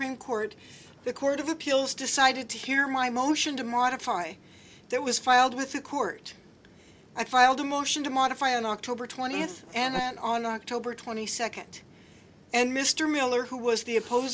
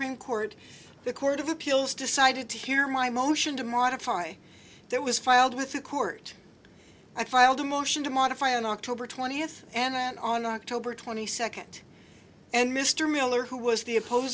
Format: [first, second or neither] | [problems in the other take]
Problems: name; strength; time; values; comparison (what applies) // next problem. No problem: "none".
second | background sound (Insect); 15 dB below the speech